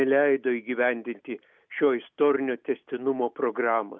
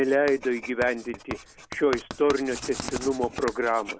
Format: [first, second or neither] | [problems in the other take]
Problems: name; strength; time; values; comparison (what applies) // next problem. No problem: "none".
first | background sound (Writing); 12 dB below the speech